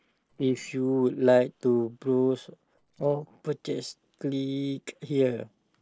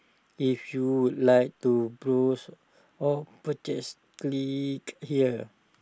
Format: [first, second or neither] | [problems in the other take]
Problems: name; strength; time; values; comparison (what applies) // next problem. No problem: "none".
second | noise reduction (neural separator model SepFormer DNS4)